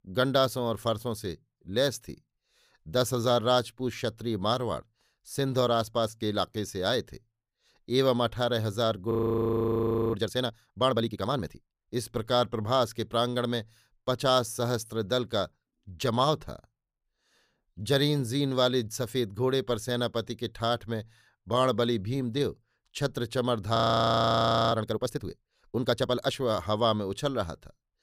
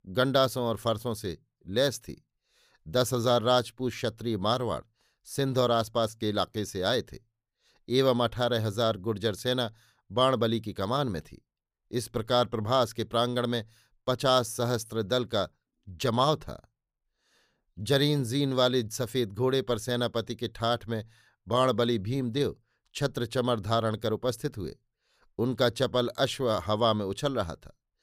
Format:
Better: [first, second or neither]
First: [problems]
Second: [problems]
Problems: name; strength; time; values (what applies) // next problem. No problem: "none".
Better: second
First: audio freezing; at 9 s for 1 s and at 24 s for 1 s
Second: none